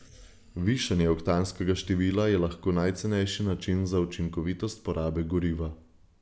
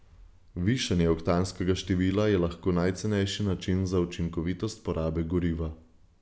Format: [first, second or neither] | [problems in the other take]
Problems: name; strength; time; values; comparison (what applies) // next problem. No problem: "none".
second | noise reduction (neural mask model Resemble Enhance denoiser)